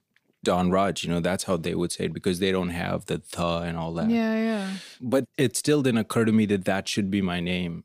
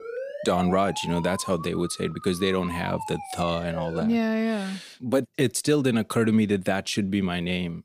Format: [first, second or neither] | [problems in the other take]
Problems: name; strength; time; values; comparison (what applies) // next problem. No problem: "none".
first | siren; noticeable; until 4 s; peak 9 dB below the speech